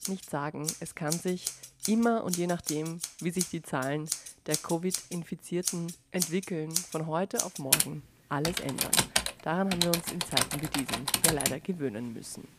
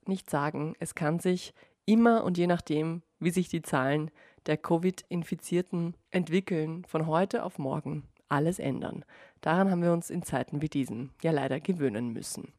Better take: second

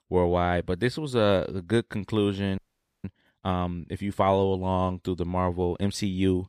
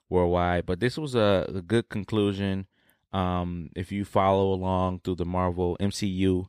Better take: second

